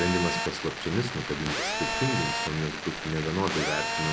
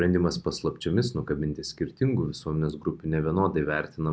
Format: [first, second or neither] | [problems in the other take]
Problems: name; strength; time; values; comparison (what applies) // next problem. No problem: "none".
second | background sound (Telephone); 1 dB below the speech